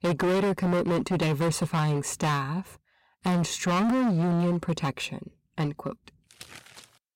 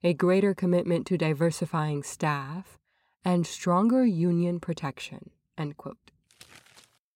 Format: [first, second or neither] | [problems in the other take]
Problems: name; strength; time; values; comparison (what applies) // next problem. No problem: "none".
second | distortion; heavy; 21% of the sound clipped